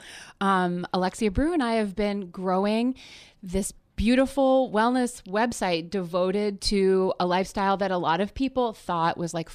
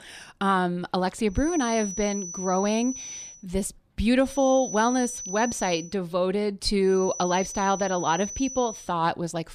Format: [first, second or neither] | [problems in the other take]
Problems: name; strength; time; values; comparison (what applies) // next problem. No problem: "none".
first | high-pitched whine; loud; from 1.5 to 3.5 s, from 4.5 to 6 s and from 7 to 9 s; 6 kHz, 9 dB below the speech